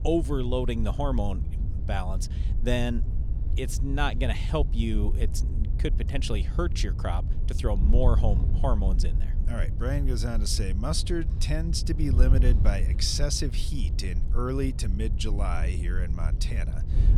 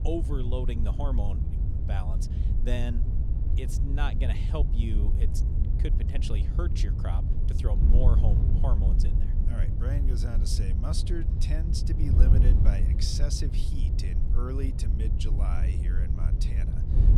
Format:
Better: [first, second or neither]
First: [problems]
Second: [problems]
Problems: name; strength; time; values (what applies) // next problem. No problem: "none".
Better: first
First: wind noise on the microphone; occasional gusts; 10 dB below the speech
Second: wind noise on the microphone; heavy; 3 dB below the speech